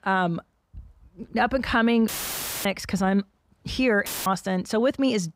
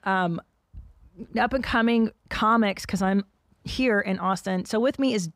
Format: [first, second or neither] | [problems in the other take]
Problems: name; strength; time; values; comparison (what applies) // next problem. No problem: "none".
second | audio cutting out; filled with static; at 2 s for 0.5 s and at 4 s